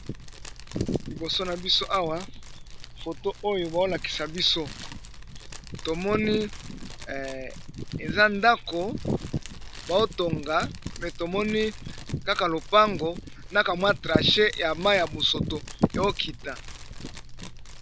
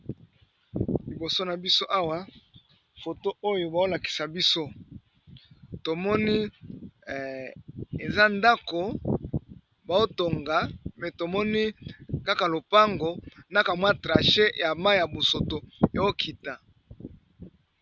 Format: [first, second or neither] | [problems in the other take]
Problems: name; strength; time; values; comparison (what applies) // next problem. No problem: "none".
second | background sound (Fire); 12 dB below the speech